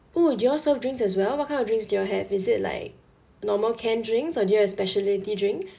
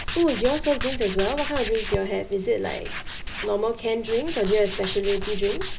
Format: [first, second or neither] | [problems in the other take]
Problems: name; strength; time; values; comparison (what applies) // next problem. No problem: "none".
first | background sound (Tools); 6 dB below the speech